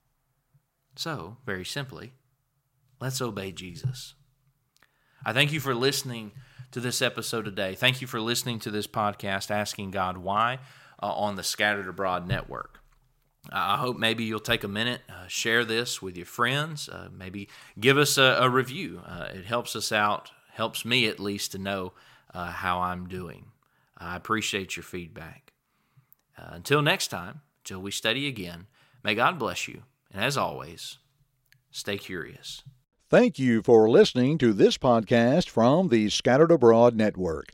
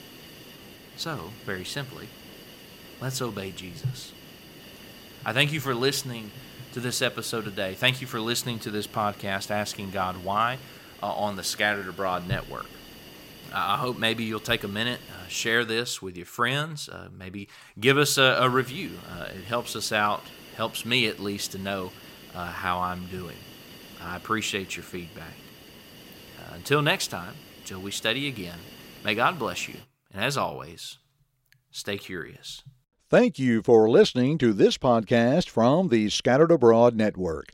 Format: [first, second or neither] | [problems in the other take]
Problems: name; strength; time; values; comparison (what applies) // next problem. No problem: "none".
first | hiss; faint; until 16 s and from 18 to 30 s; 20 dB below the speech